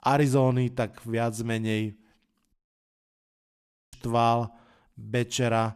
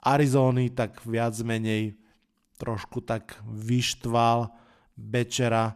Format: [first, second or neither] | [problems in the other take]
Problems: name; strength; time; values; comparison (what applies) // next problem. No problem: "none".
second | audio cutting out; at 2.5 s for 1.5 s